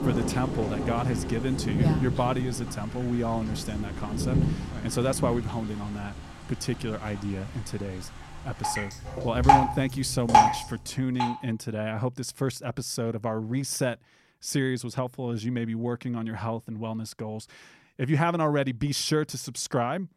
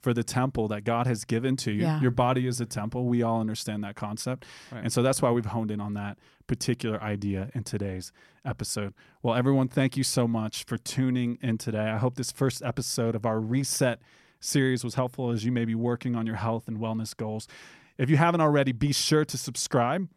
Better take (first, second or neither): second